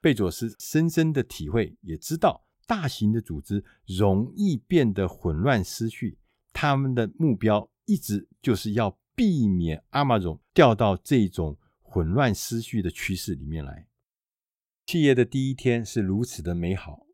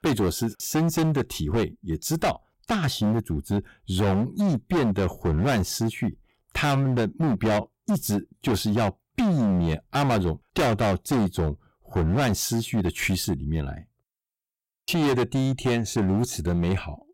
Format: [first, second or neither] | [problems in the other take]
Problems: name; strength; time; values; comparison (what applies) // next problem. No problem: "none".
first | distortion; heavy; 20% of the sound clipped